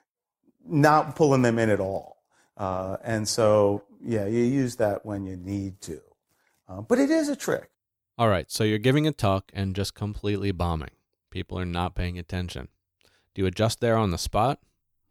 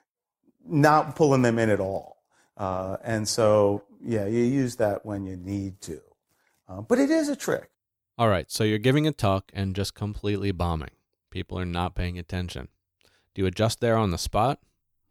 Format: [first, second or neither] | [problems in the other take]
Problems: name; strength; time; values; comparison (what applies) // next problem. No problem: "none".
neither | none